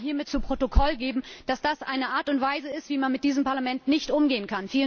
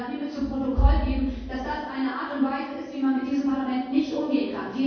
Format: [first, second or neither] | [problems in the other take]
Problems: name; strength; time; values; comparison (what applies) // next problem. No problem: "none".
first | room echo; dies away in 1.3 s